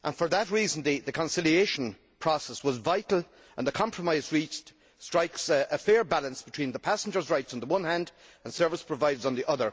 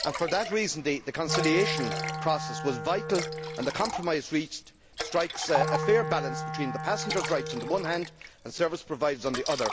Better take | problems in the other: first | background sound (Wind instrument, woodwind instrument + Liquid); 5 dB below the speech

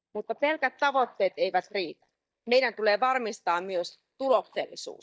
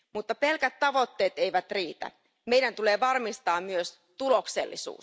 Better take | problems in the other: second | noise reduction (neural mask model DeepFilterNet 3)

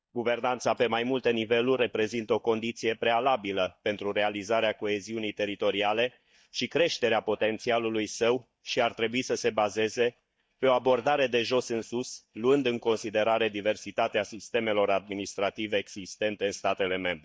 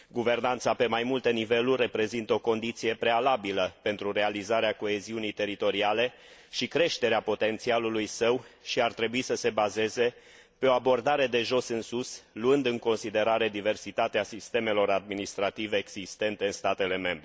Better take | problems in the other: second | noise reduction (neural mask model DeepFilterNet 3)

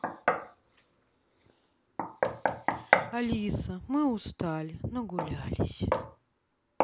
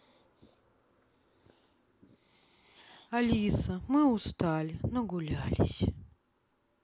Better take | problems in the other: second | background sound (Knock); 1 dB above the speech

